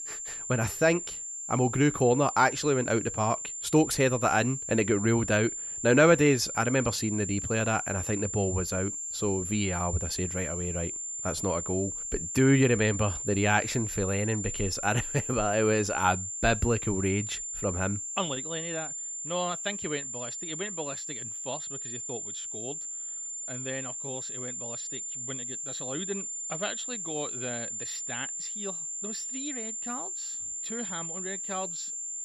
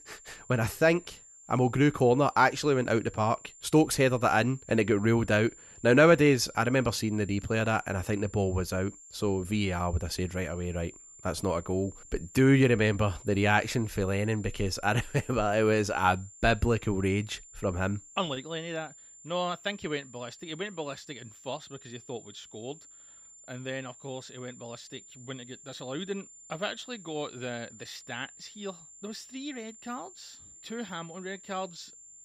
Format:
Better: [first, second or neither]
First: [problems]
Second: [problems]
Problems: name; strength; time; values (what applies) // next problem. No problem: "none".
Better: second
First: high-pitched whine; loud; throughout; 7.5 kHz, 5 dB below the speech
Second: high-pitched whine; faint; throughout; 7.5 kHz, 20 dB below the speech